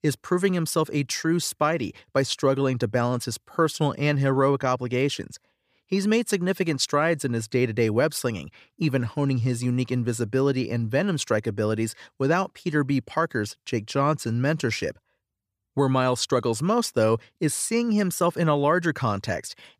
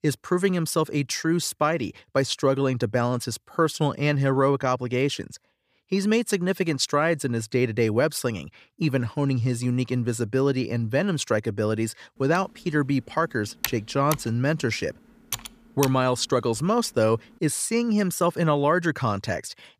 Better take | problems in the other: first | keyboard typing; noticeable; from 12 to 16 s; peak 6 dB below the speech

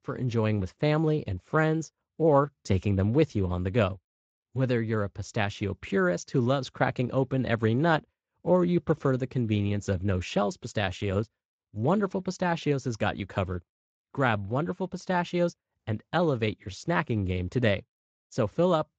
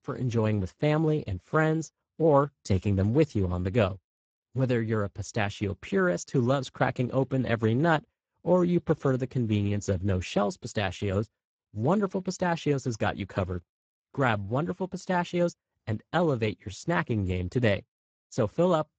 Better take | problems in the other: first | garbled, watery; badly; nothing above 7.5 kHz; slightly in the first

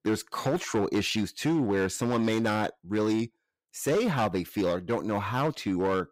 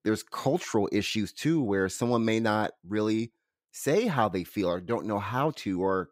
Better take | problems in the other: second | distortion; slight; 10% of the sound clipped

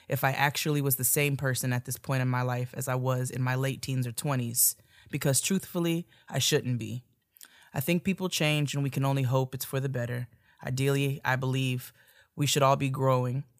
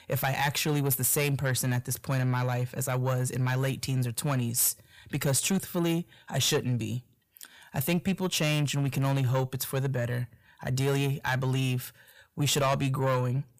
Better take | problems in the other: first | distortion; slight; 10 dB below the speech

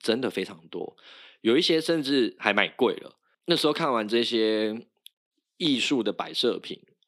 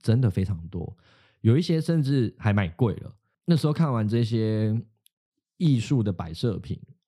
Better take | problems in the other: second | thin; very; fading below 300 Hz

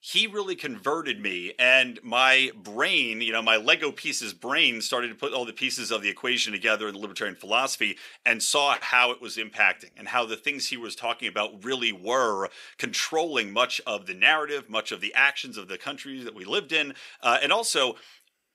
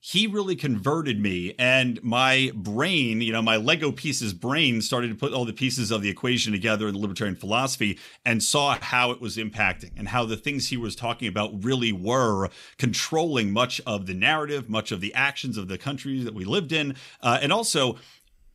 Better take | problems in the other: second | thin; somewhat; fading below 450 Hz

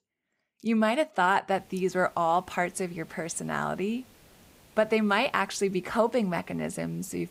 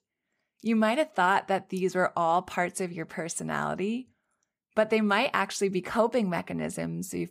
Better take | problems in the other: second | hiss; faint; from 1.5 s on; 30 dB below the speech

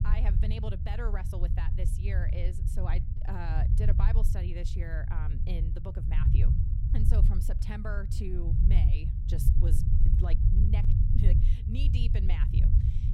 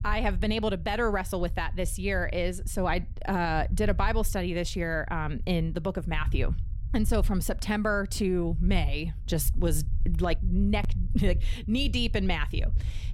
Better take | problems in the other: second | low rumble; loud; throughout; 1 dB below the speech; faint in the second

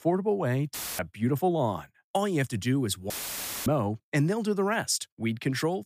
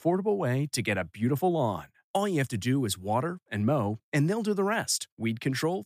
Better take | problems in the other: second | audio cutting out; filled with static; at 0.5 s and at 3 s for 0.5 s

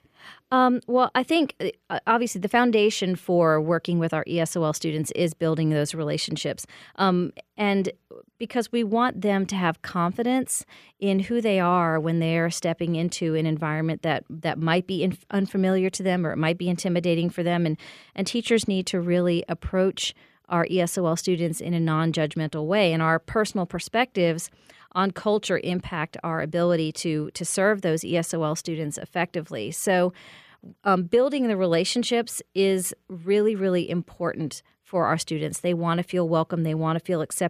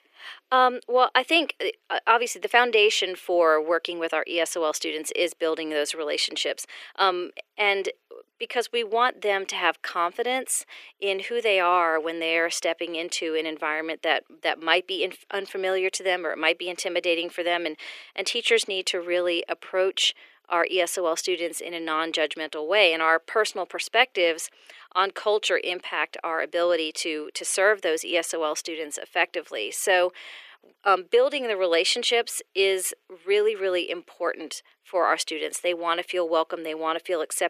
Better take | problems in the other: first | thin; very; fading below 350 Hz

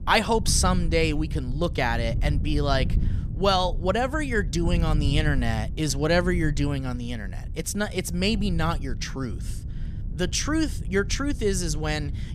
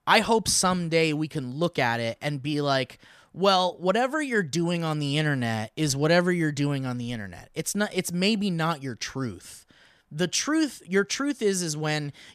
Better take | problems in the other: second | wind noise on the microphone; occasional gusts; 20 dB below the speech

